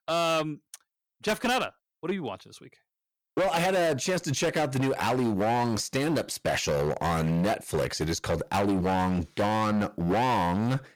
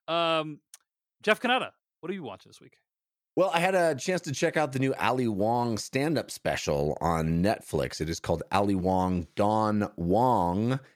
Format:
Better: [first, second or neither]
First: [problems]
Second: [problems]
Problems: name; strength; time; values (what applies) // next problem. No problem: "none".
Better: second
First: distortion; heavy; 18% of the sound clipped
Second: none